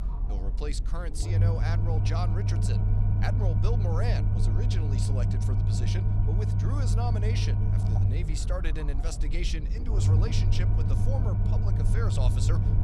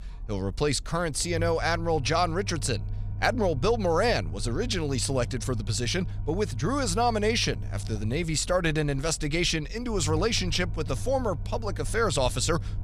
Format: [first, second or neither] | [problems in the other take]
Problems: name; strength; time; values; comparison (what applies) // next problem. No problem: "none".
second | low rumble; loud; throughout; 1 dB below the speech; faint in the second